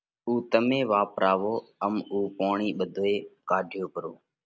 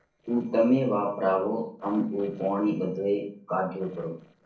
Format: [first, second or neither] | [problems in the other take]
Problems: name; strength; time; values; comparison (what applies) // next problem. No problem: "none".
first | noise reduction (neural separator model SepFormer DNS4)